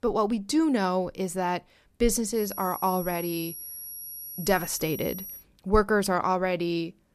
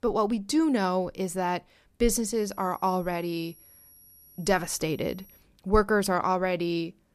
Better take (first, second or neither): second